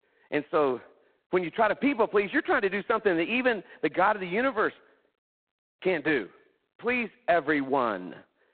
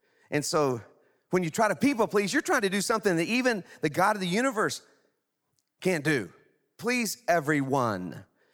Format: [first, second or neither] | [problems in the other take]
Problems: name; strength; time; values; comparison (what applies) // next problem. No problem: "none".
second | phone-call audio; poor line; nothing above 4 kHz